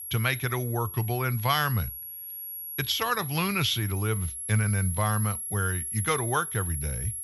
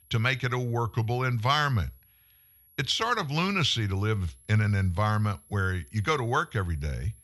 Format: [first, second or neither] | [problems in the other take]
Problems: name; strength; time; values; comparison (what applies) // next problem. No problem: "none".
second | high-pitched whine; loud; throughout; 11 kHz, 6 dB below the speech; faint in the second